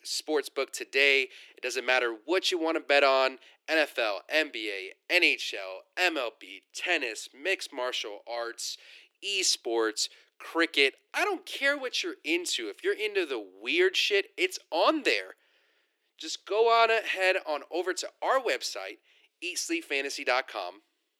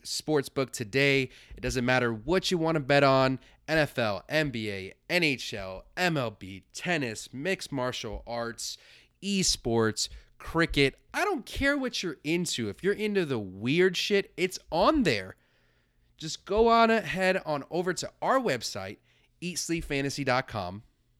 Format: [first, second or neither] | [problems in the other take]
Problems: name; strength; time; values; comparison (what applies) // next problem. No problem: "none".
second | thin; very; fading below 300 Hz